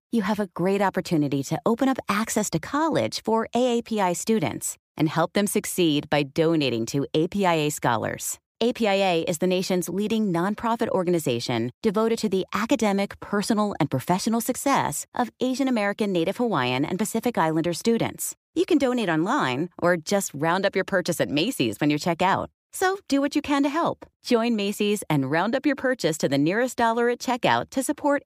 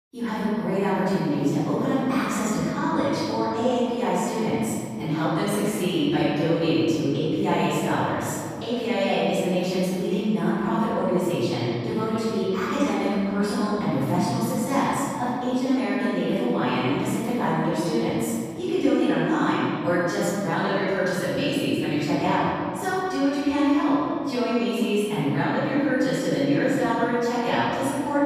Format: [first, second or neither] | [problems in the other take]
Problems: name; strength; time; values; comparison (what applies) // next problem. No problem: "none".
first | off-mic speech; far // room echo; strong; dies away in 2.1 s